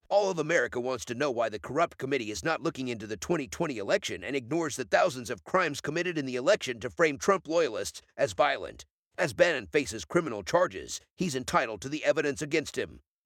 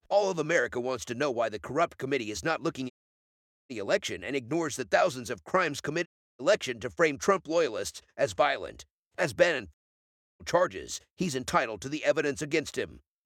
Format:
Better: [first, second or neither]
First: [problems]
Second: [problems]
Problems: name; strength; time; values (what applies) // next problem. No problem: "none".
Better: first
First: none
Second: audio cutting out; at 3 s for 1 s, at 6 s and at 9.5 s for 0.5 s